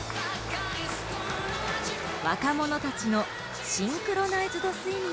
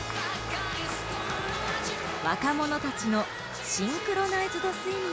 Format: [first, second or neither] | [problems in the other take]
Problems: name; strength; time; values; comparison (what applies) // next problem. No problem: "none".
first | background sound (Trumpet); 11 dB below the speech